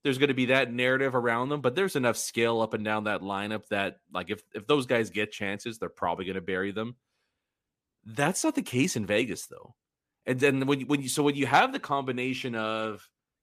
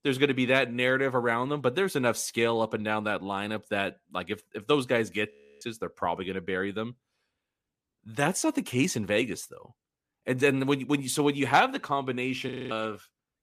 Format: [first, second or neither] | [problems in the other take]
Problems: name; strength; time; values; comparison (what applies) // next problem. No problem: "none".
first | audio freezing; at 5.5 s and at 12 s